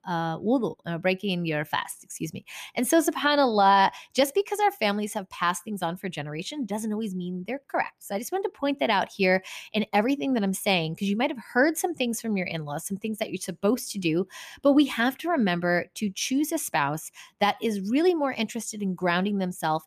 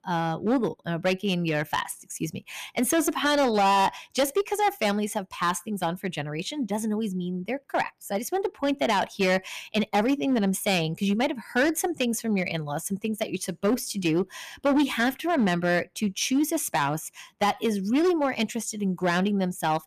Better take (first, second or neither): first